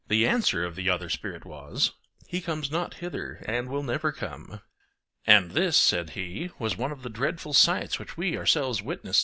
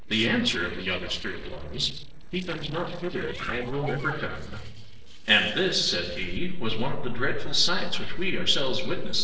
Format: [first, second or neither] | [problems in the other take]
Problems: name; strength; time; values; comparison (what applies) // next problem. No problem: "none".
first | noise reduction (neural separator model SepFormer DNS4)